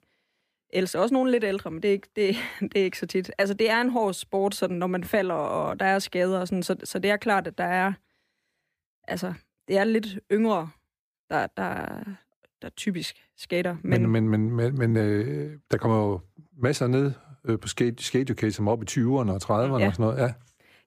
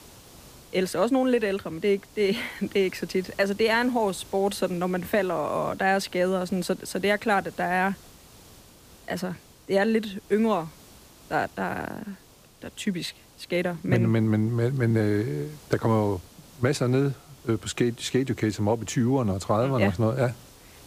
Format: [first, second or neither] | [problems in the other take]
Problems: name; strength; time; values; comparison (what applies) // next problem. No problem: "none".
first | hiss; faint; throughout; 25 dB below the speech